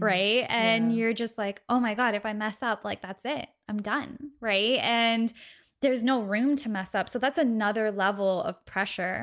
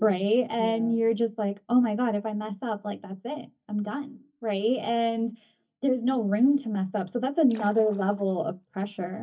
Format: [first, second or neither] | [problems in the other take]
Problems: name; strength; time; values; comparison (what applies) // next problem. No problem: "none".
first | noise reduction (neural mask model DeepFilterNet 3)